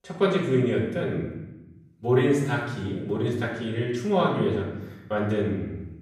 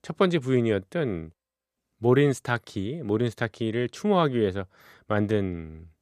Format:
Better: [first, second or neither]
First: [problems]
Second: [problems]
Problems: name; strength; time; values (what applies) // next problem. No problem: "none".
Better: second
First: off-mic speech; far // room echo; noticeable; dies away in 0.8 s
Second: none